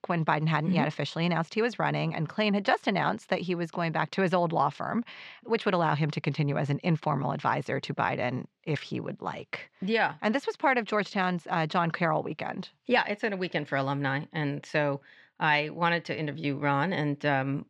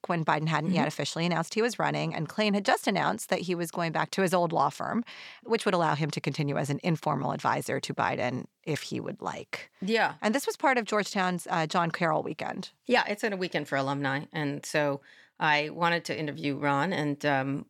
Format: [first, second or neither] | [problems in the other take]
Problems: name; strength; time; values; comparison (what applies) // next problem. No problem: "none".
second | muffled; very slightly; fading above 3 kHz